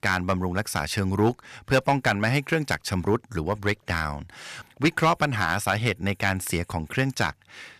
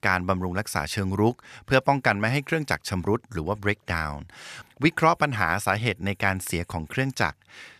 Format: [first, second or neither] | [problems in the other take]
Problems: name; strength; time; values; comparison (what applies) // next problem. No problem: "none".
second | distortion; slight; 1.9% of the sound clipped